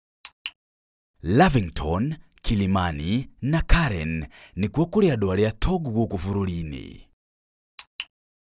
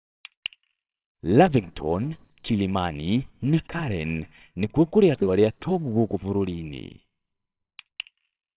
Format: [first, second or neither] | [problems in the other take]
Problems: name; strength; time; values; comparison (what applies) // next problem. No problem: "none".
first | noise reduction (neural separator model SepFormer WHAMR!)